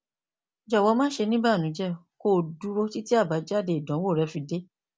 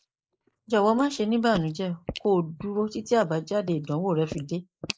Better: first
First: none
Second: noise reduction (neural mask model Resemble Enhance denoiser)

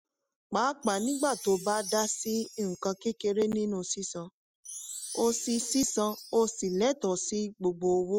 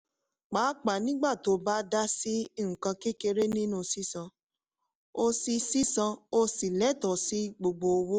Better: second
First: noise reduction (classical method spectral subtraction)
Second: none

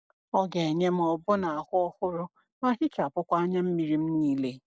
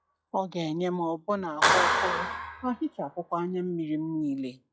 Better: first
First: none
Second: noise reduction (classical method log-MMSE)

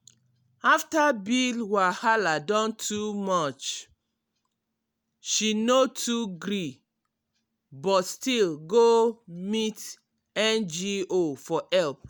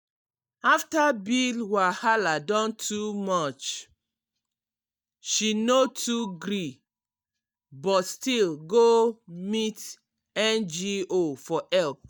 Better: first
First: none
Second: noise reduction (neural mask model DeepFilterNet 3)

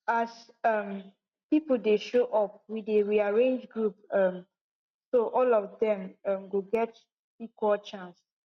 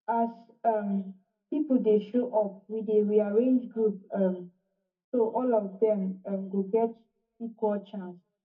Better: first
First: none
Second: room echo; dies away in 0.3 s

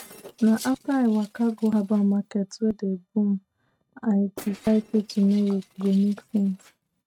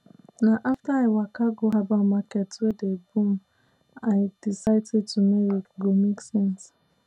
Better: second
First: noise reduction (neural mask model RNNoise)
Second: none

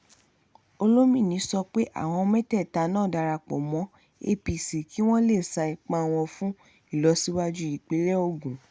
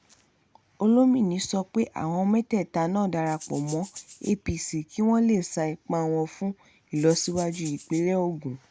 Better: first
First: none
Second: background sound (Rattle (instrument)); 18 dB below the speech

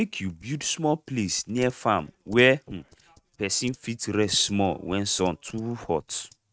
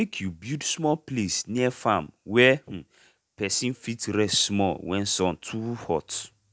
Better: second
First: noise reduction (neural mask model RNNoise)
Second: none

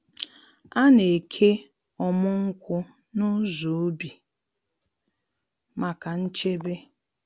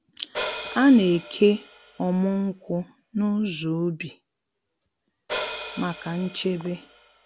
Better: first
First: none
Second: background sound (Hi-hat); 13 dB below the speech

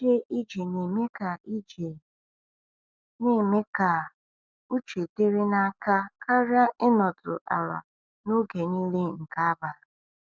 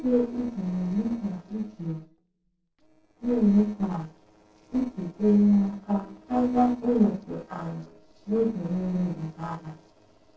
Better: first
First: none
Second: noise reduction (neural separator model SepFormer DNS4)

